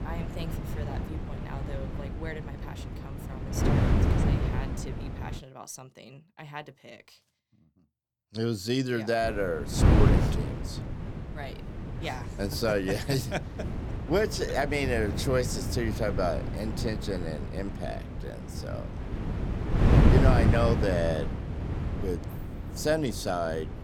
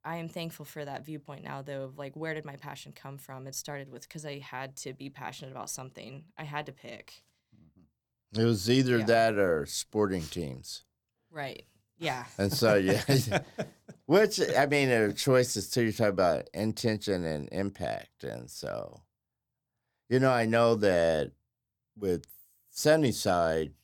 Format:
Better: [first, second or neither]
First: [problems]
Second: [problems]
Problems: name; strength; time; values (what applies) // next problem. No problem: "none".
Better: second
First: wind noise on the microphone; heavy; until 5.5 s and from 9 s on; 6 dB below the speech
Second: none